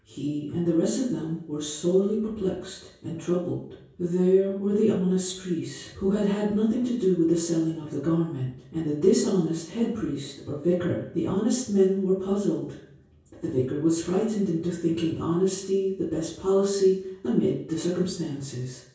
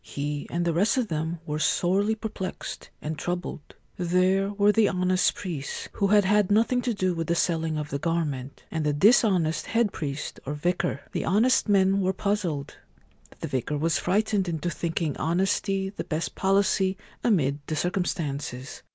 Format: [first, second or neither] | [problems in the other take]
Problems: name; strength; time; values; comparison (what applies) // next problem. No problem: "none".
second | room echo; dies away in 0.6 s